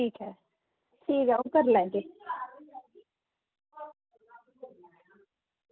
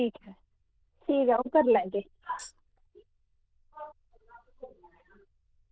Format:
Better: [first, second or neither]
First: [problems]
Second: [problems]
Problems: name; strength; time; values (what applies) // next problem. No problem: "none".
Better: first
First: none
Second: noise reduction (neural diffusion model UNIVERSE++)